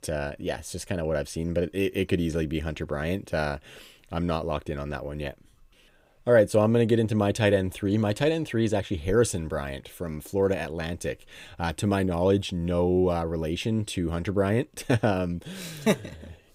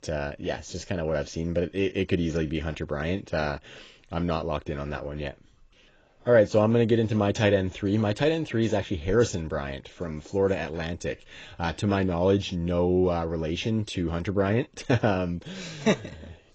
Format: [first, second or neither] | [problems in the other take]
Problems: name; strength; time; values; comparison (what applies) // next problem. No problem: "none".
first | garbled, watery; badly; nothing above 7.5 kHz